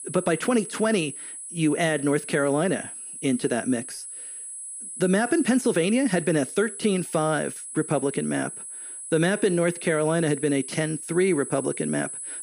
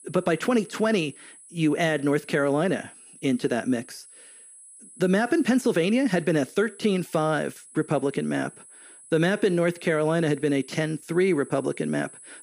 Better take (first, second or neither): second